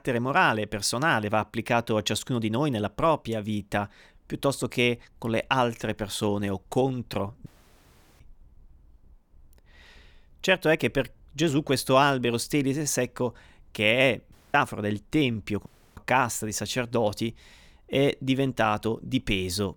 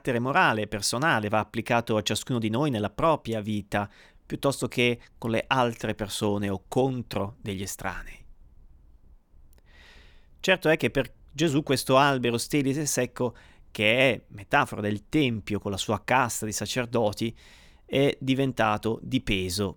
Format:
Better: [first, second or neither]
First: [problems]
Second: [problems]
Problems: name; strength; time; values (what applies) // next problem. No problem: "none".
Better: second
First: audio cutting out; at 7.5 s for 0.5 s, at 14 s and at 16 s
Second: none